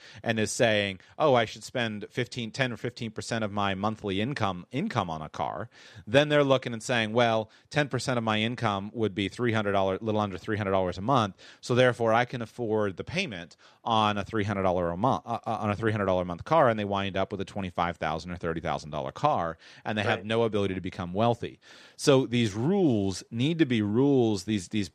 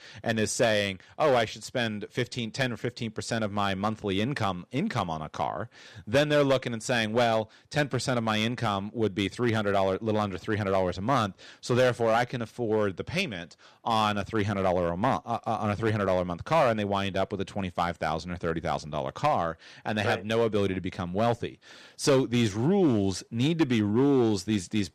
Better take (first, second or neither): first